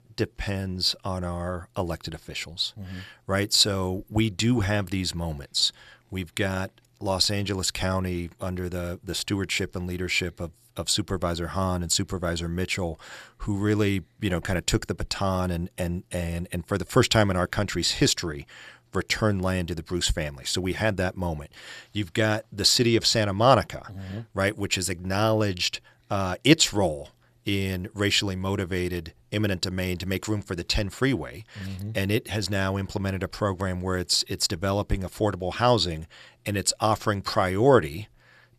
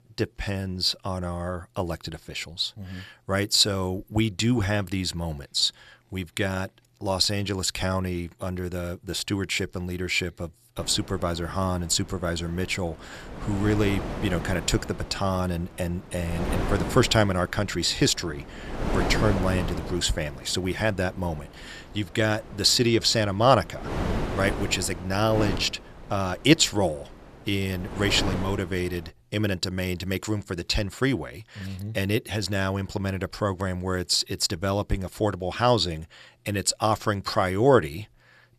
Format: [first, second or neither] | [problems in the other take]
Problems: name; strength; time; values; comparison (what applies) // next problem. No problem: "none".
first | wind noise on the microphone; heavy; from 11 to 29 s; 9 dB below the speech